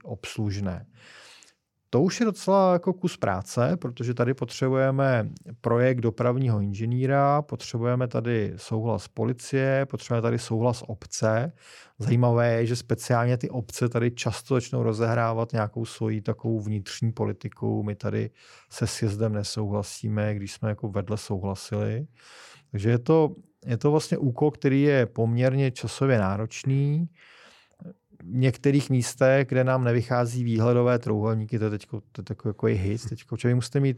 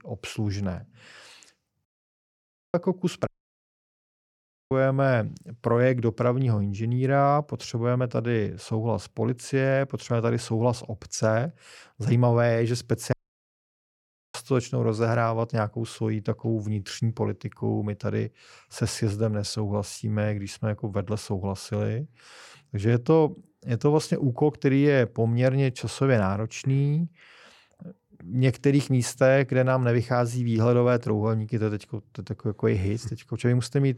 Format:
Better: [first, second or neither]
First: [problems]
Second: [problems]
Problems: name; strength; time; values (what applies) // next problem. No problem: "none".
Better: first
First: none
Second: audio cutting out; at 2 s for 1 s, at 3.5 s for 1.5 s and at 13 s for 1 s